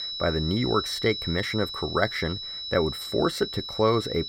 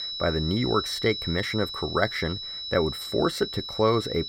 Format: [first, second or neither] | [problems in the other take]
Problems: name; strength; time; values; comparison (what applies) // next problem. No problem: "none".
neither | high-pitched whine; loud; throughout; 4 kHz, 5 dB below the speech; the same in both